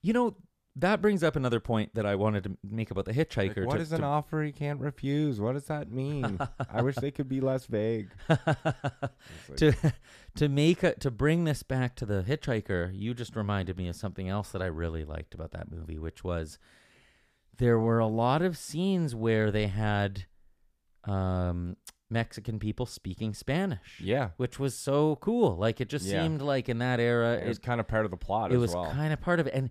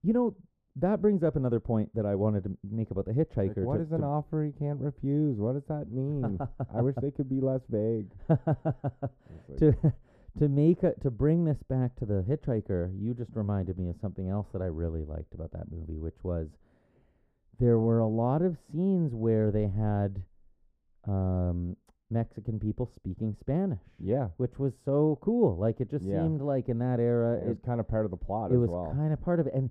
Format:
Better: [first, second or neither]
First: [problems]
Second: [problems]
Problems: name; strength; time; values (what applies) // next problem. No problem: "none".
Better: first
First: none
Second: muffled; very; fading above 1.5 kHz